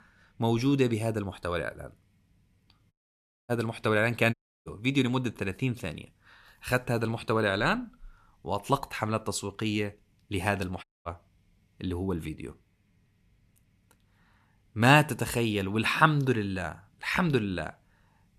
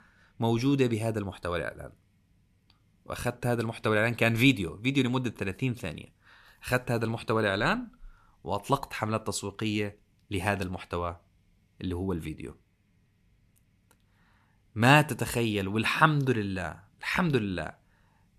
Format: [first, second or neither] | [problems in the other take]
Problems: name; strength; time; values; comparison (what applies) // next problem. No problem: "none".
second | audio cutting out; at 3 s for 0.5 s, at 4.5 s and at 11 s